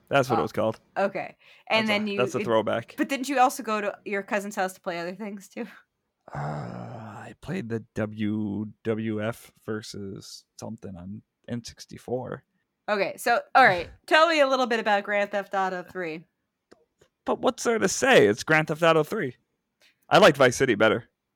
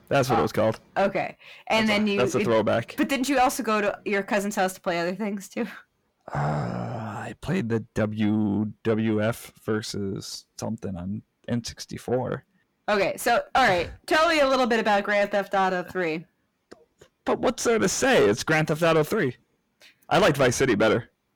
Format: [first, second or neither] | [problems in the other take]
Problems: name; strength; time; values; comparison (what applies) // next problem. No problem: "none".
first | distortion; heavy; 6 dB below the speech